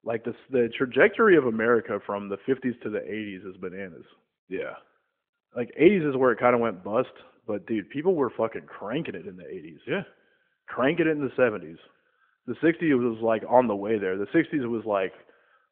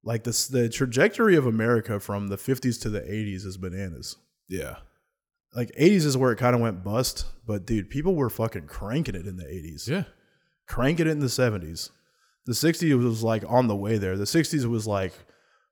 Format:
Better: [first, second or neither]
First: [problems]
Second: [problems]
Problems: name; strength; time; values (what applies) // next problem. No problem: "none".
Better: second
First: phone-call audio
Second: none